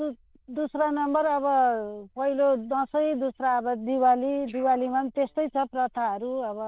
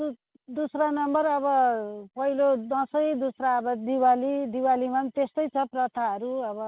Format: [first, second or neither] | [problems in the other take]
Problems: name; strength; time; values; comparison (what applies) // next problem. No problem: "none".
second | noise reduction (neural diffusion model UNIVERSE++)